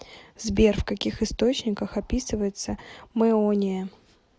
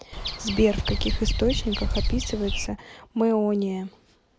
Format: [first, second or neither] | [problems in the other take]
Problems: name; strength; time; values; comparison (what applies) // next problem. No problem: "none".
first | background sound (Bird vocalization, bird call, bird song); 1 dB below the speech